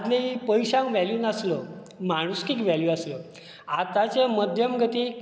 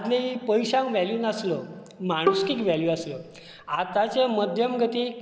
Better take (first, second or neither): first